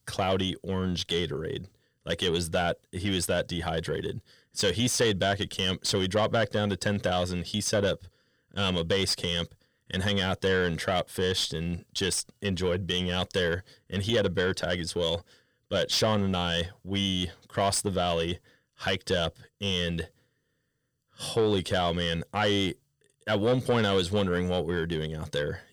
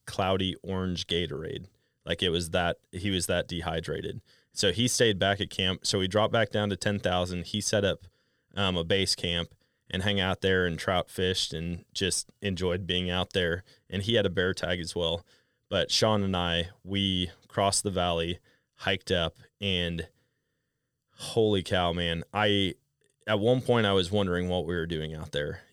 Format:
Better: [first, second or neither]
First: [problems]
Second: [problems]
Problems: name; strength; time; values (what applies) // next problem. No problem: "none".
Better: second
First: distortion; slight; 10 dB below the speech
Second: none